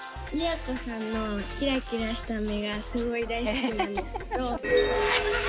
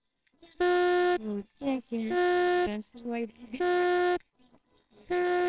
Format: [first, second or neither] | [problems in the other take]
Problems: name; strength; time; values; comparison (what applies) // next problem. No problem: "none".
first | noise reduction (neural separator model SepFormer WHAMR!)